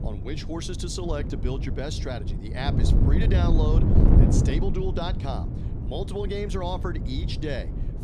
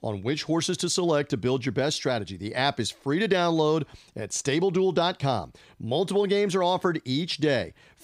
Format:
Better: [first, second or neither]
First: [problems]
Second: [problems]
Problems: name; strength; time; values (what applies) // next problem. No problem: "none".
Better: second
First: wind noise on the microphone; heavy; 3 dB below the speech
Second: none